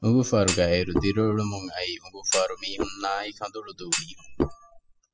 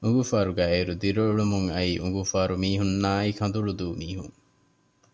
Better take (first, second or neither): second